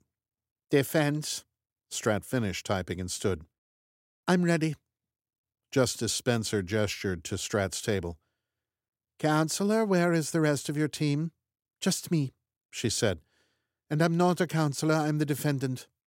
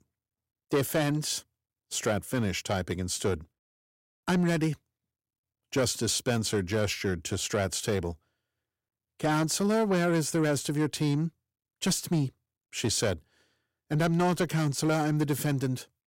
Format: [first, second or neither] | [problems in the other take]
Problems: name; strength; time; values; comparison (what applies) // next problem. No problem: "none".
first | distortion; slight; 10 dB below the speech